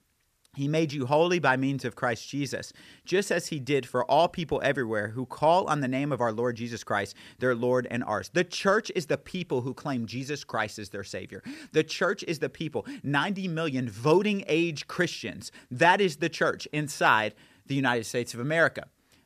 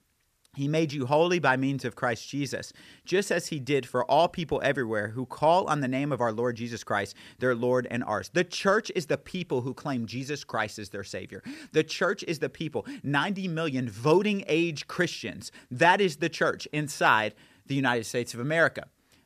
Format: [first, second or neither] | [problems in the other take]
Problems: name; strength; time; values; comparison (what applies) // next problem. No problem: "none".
neither | none